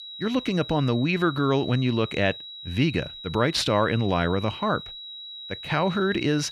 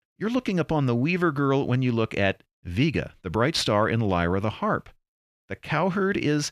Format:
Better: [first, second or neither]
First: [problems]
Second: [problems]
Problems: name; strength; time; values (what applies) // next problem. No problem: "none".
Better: second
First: high-pitched whine; noticeable; throughout; 4 kHz, 10 dB below the speech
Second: none